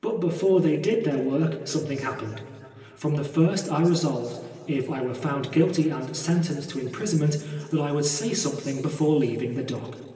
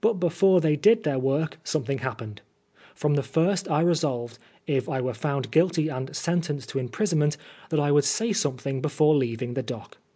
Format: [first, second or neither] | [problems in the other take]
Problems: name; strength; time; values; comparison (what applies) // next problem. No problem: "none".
second | room echo; dies away in 2.3 s